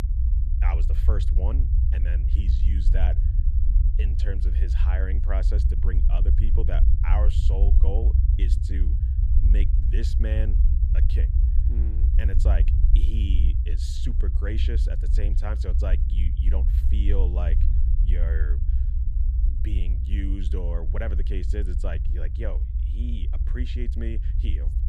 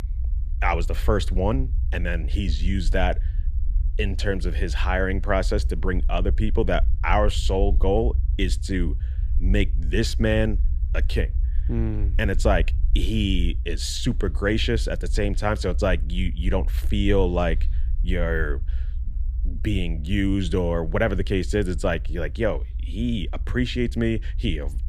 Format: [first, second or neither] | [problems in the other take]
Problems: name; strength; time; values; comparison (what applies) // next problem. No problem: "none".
second | low rumble; loud; throughout; 4 dB below the speech; faint in the second